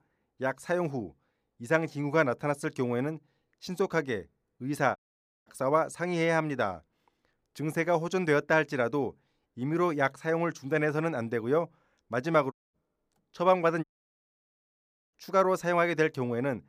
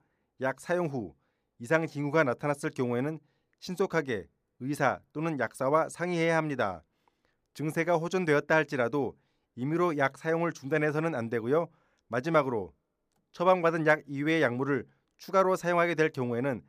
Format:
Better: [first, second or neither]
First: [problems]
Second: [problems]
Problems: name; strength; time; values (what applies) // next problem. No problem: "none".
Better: second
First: audio cutting out; at 5 s for 0.5 s, at 13 s and at 14 s for 1.5 s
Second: none